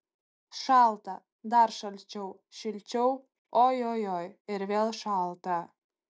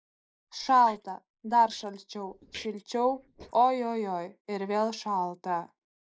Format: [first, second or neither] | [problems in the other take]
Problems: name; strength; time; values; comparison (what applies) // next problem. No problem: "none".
first | noise reduction (neural mask model Resemble Enhance denoiser)